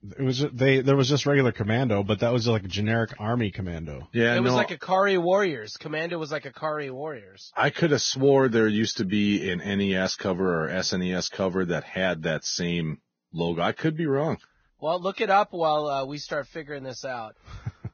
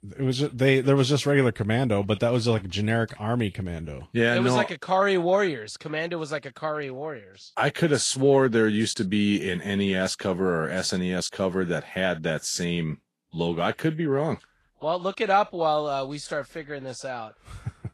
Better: second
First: garbled, watery; badly; nothing above 6.5 kHz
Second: garbled, watery; slightly

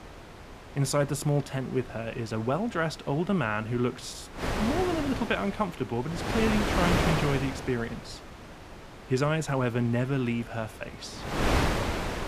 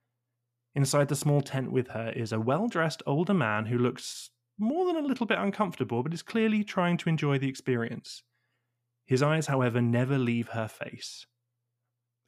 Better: second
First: wind noise on the microphone; heavy; as loud as the speech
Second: none

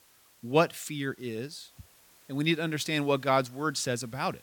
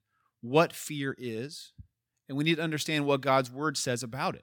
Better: second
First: hiss; faint; throughout; 25 dB below the speech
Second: none

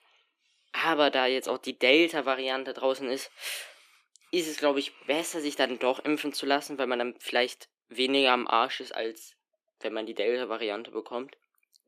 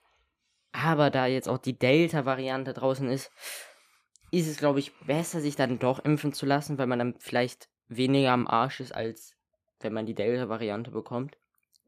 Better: second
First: thin; very slightly; fading below 300 Hz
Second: none

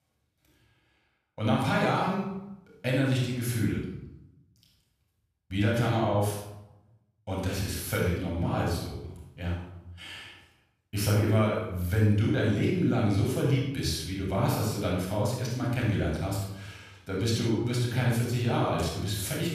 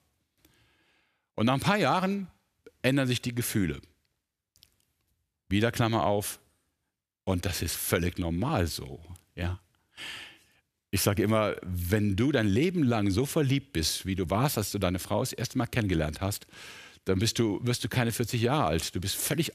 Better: second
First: off-mic speech; far // room echo; noticeable; dies away in 0.8 s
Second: none

